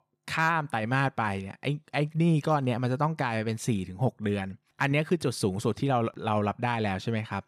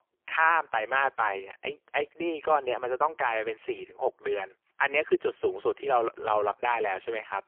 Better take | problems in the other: first | phone-call audio; poor line; nothing above 3 kHz

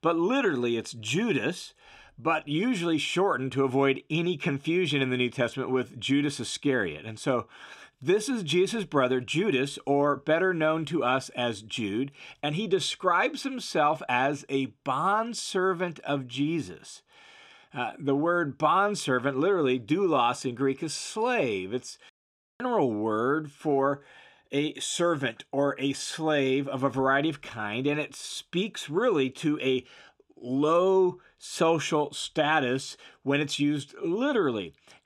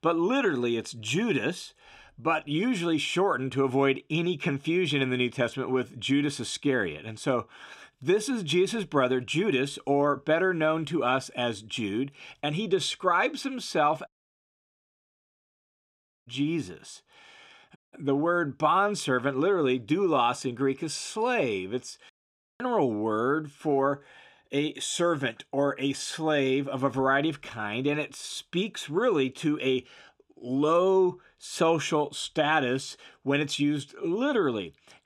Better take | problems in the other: first | audio cutting out; at 14 s for 2 s and at 18 s

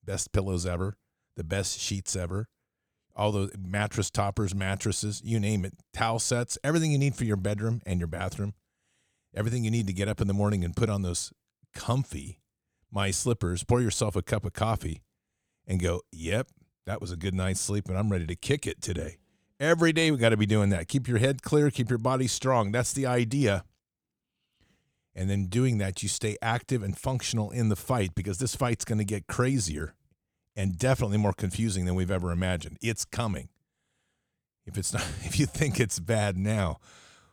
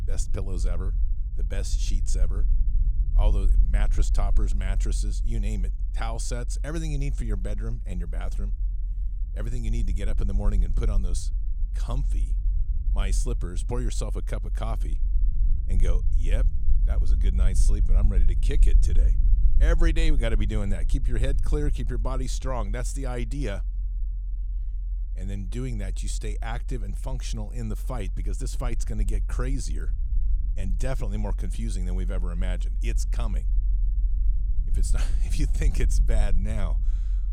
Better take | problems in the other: first | low rumble; noticeable; throughout; 15 dB below the speech

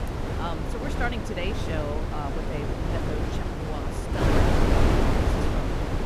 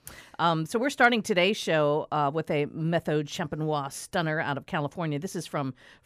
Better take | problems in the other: second | wind noise on the microphone; heavy; 5 dB above the speech

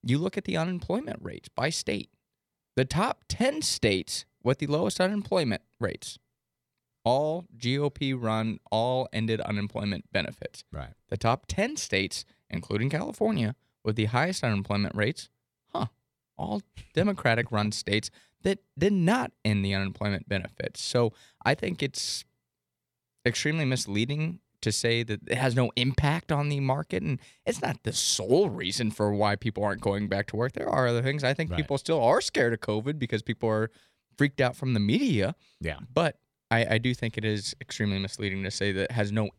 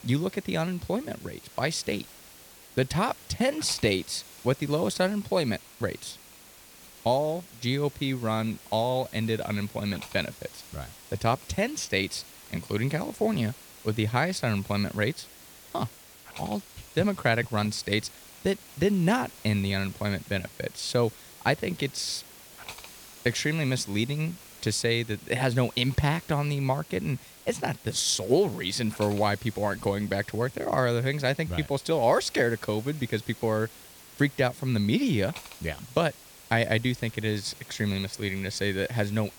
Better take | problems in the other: first | hiss; noticeable; throughout; 20 dB below the speech

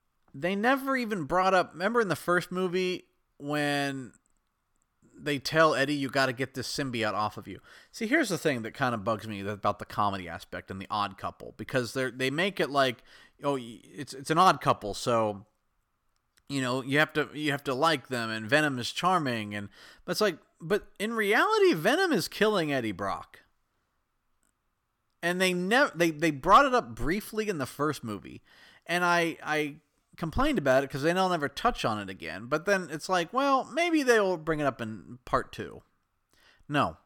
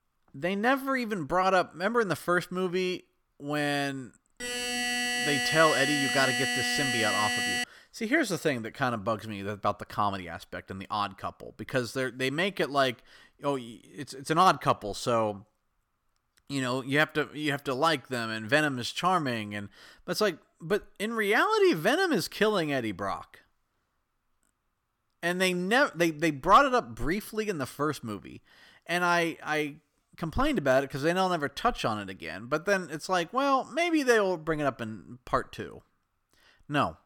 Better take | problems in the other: first | alarm; loud; from 4.5 to 7.5 s; peak 1 dB above the speech

